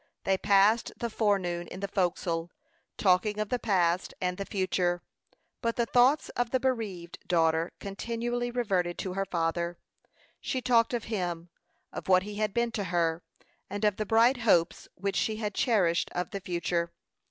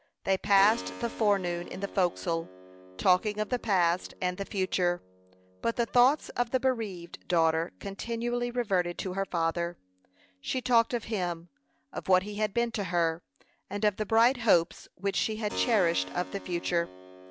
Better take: first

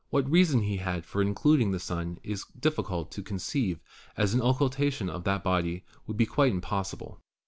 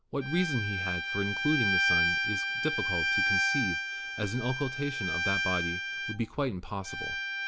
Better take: first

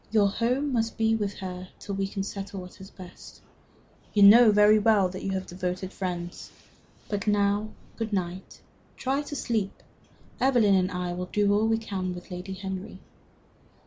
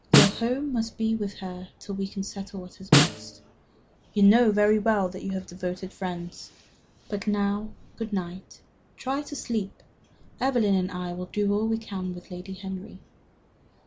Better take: first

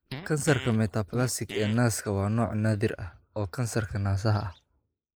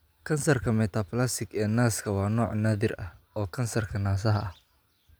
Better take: second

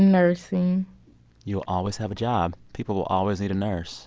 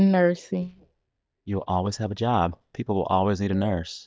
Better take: first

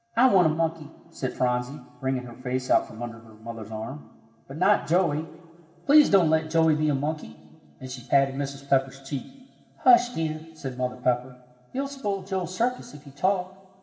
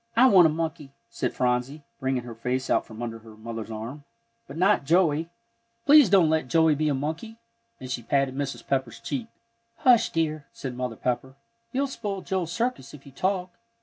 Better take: second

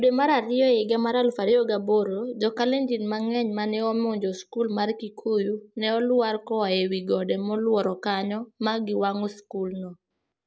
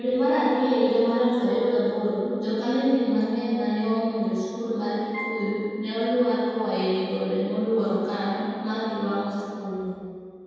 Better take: first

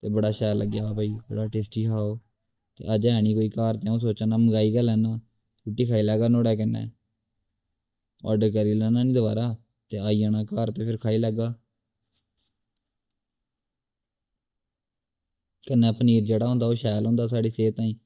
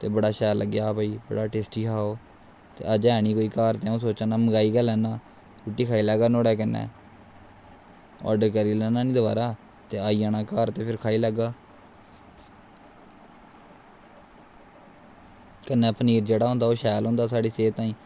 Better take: second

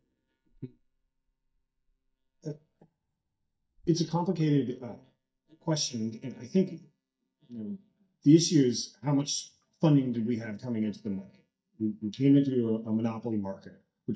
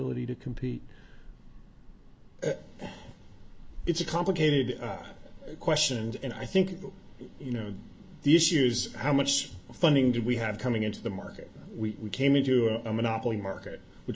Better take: second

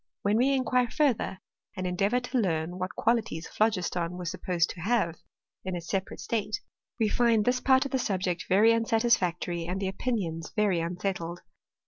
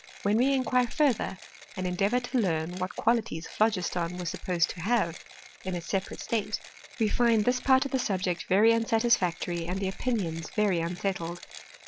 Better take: first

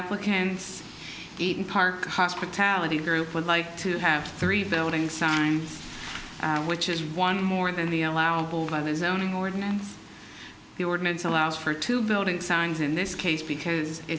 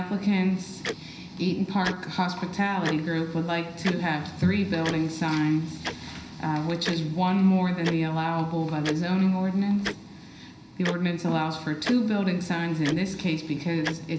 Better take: first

